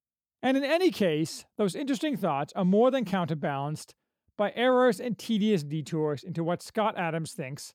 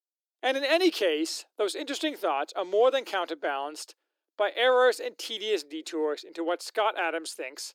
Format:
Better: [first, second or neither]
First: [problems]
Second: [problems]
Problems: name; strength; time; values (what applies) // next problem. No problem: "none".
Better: first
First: none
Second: thin; very; fading below 300 Hz